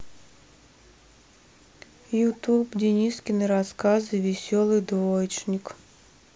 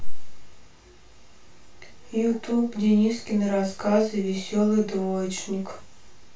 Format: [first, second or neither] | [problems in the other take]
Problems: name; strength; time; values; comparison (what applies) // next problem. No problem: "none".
first | room echo; dies away in 0.2 s